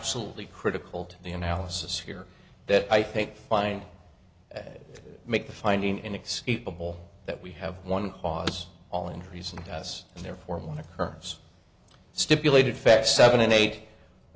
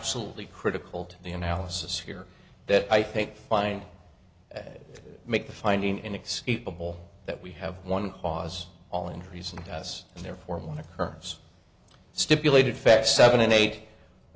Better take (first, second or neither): second